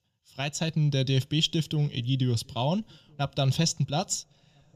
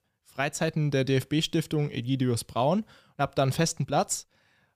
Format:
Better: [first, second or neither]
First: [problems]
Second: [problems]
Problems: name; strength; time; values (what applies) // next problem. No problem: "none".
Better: second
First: room echo; very slight; dies away in 3 s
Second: none